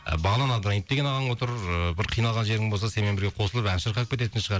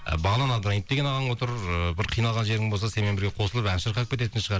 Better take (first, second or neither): first